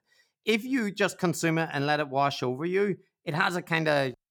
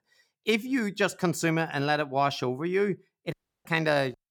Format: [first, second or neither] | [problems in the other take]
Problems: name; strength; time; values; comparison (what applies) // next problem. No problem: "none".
first | audio cutting out; at 3.5 s